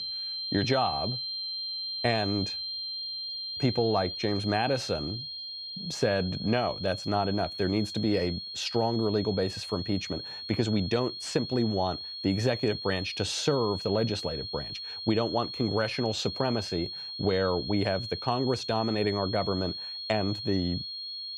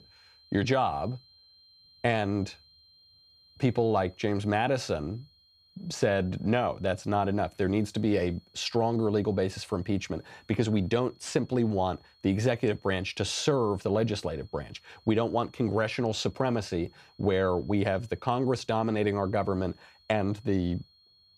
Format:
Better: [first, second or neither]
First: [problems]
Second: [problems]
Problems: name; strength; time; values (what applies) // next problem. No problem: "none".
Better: second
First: high-pitched whine; loud; throughout; 4.5 kHz, 5 dB below the speech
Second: high-pitched whine; faint; throughout; 4.5 kHz, 30 dB below the speech